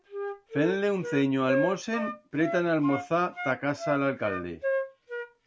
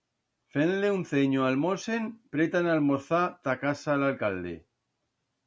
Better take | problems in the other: second | background sound (Wind instrument, woodwind instrument); 6 dB below the speech

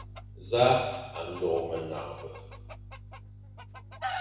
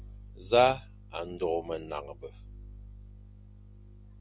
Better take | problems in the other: second | background sound (Chicken, rooster); 12 dB below the speech // room echo; dies away in 1 s

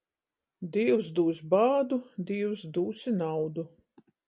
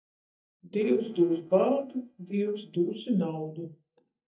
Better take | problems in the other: first | noise reduction (neural mask model DeepFilterNet 3)

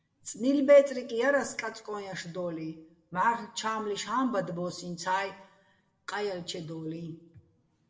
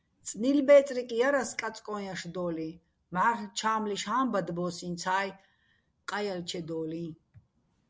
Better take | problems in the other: second | room echo; dies away in 0.7 s

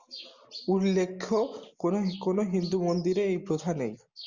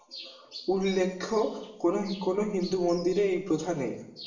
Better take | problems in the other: first | room echo; dies away in 0.8 s

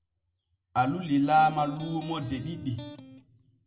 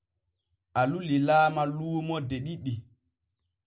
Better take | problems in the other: second | background sound (Electric guitar); 15 dB below the speech // room echo; dies away in 0.9 s

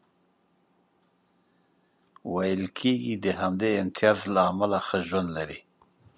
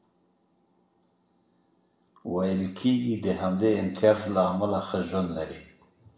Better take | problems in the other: first | room echo; dies away in 0.7 s

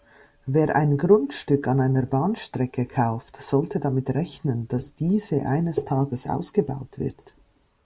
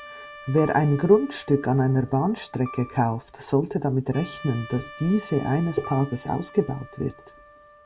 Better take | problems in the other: first | background sound (Trumpet + Piano); 19 dB below the speech

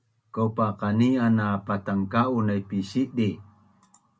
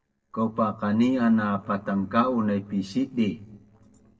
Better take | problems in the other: first | noise reduction (neural separator model SepFormer DNS4)

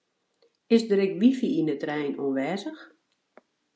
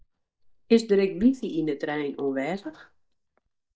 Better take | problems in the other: first | noise reduction (neural mask model DeepFilterNet 3)

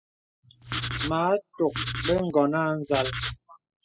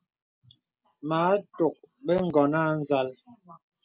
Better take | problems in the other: second | noise reduction (classical method spectral subtraction)

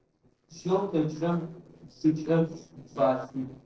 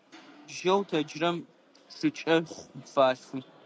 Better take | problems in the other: second | noise reduction (neural separator model SepFormer DNS4)

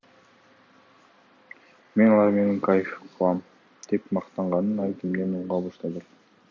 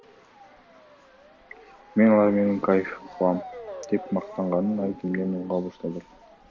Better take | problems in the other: first | background sound (Motor vehicle (road) / Siren); 18 dB below the speech

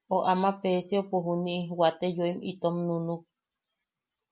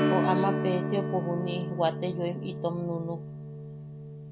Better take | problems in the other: first | background sound (Strum); as loud as the speech

